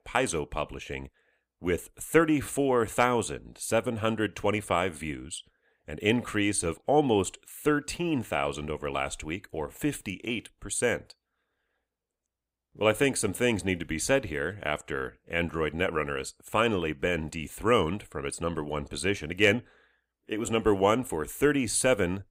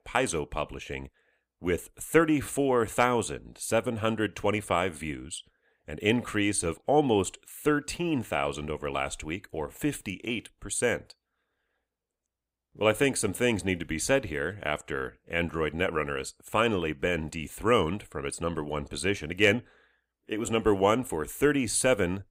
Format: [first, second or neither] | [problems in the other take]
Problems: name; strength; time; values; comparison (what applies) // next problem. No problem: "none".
neither | none